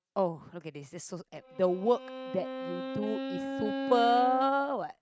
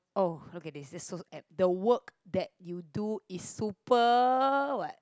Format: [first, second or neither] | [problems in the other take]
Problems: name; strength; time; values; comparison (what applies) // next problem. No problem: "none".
second | noise reduction (neural mask model RNNoise)